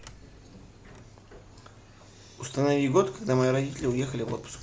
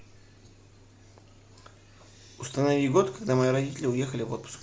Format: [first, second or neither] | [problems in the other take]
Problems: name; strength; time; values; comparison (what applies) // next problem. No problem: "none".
second | background sound (Sliding door + Sliding door); 19 dB below the speech